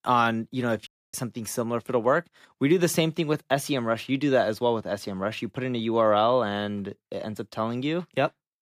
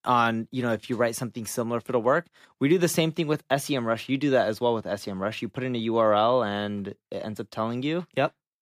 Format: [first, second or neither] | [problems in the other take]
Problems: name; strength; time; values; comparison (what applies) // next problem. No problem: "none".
second | audio cutting out; at 1 s